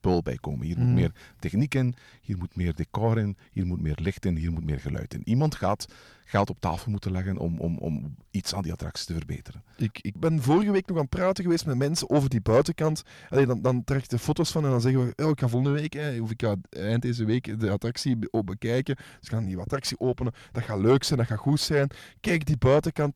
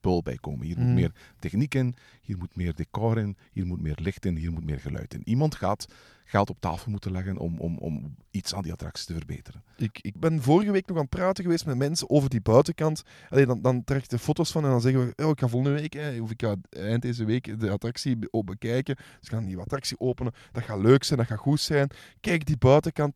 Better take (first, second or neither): second